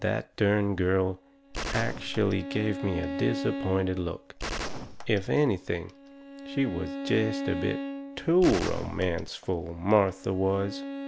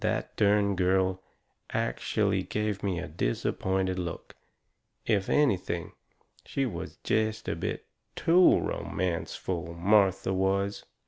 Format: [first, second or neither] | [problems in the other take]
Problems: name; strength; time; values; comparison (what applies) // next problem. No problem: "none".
second | background sound (Gunshot, gunfire + Bowed string instrument); 8 dB below the speech